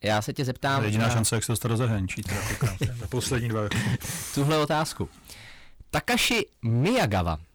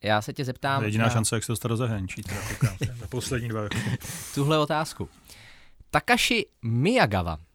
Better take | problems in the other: second | distortion; heavy; 11% of the sound clipped

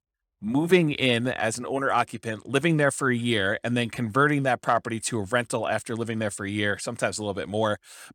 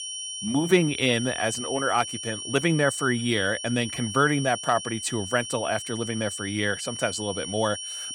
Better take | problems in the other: first | high-pitched whine; loud; throughout; 3 kHz, 7 dB below the speech

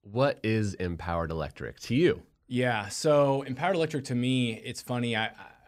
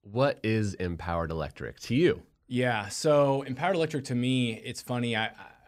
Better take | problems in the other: neither | none

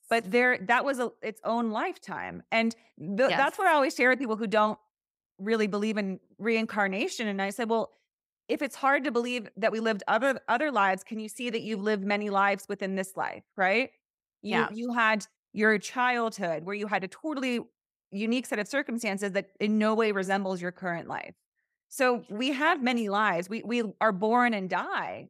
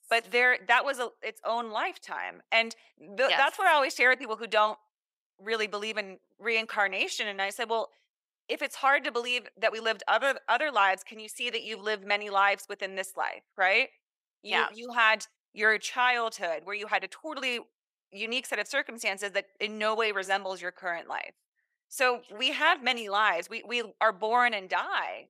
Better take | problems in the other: first | thin; somewhat; fading below 550 Hz

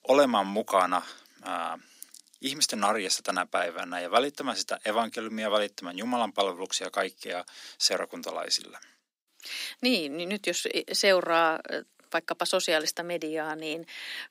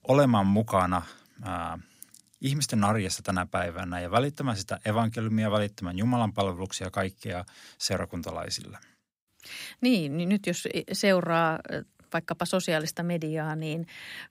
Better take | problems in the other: second | thin; somewhat; fading below 300 Hz

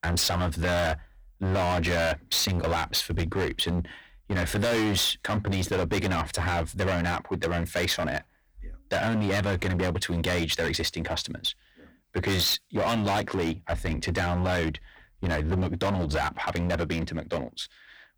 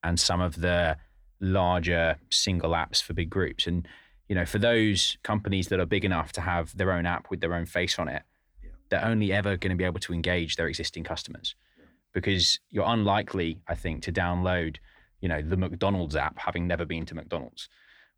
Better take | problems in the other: second | distortion; heavy; 21% of the sound clipped

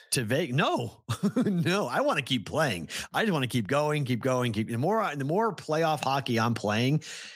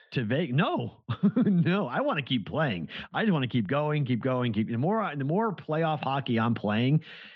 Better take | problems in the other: first | muffled; very; fading above 3.5 kHz

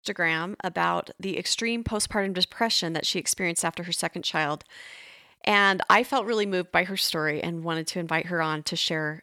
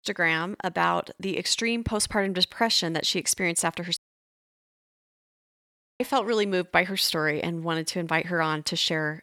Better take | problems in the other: first | audio cutting out; at 4 s for 2 s

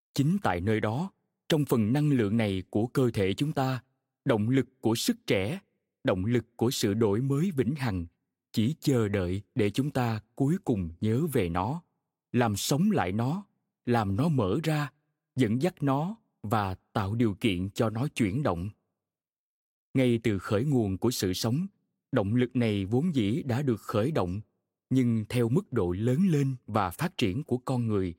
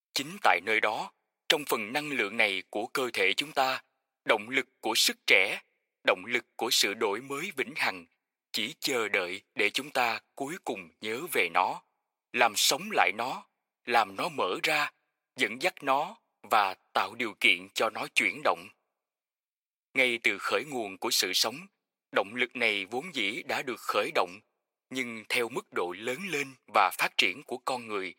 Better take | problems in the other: first | thin; very; fading below 750 Hz

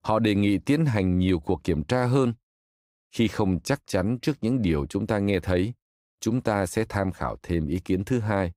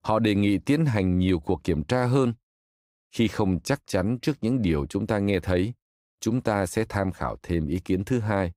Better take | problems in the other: neither | none

